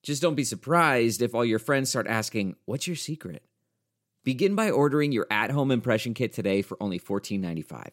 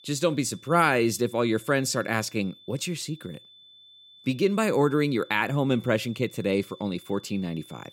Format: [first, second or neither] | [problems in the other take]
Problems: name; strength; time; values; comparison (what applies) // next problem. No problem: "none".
first | high-pitched whine; faint; throughout; 3.5 kHz, 25 dB below the speech